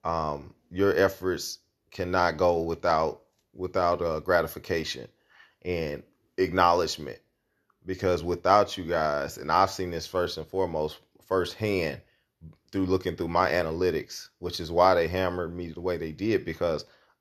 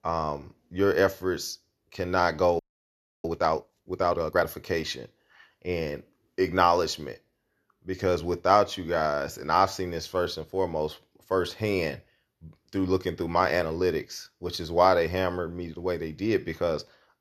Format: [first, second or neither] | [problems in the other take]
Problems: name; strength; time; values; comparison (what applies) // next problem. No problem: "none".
first | audio freezing; at 2.5 s for 0.5 s